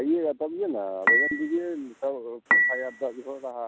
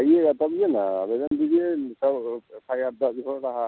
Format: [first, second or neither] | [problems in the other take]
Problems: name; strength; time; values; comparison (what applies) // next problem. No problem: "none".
second | background sound (Dishes, pots, and pans / Chink, clink); 4 dB above the speech